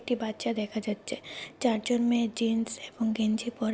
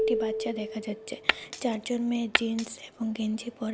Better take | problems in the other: first | background sound (Marimba, xylophone + Glass); 1 dB below the speech

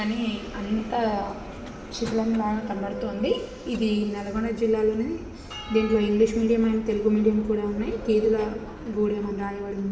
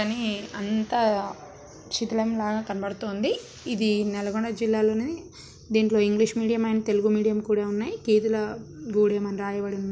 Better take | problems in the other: second | background sound (Bell); 13 dB below the speech // room echo; dies away in 1.1 s

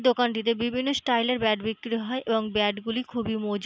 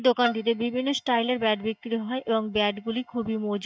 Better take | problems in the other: first | noise reduction (neural mask model DeepFilterNet 3)

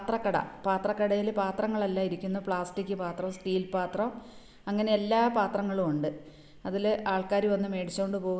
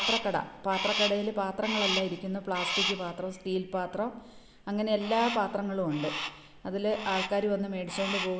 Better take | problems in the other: first | background sound (Crow); 5 dB below the speech

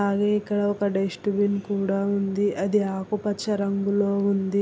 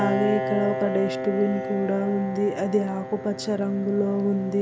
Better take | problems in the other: first | background sound (Piano); 6 dB below the speech

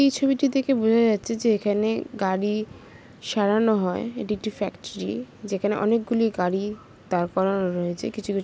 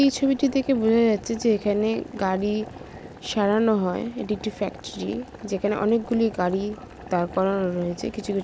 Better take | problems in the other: first | background sound (Boiling); 18 dB below the speech

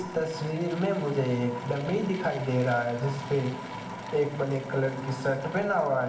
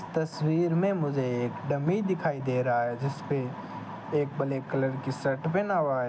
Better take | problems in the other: second | background sound (Drill / Mechanisms); 18 dB below the speech // room echo; dies away in 0.9 s

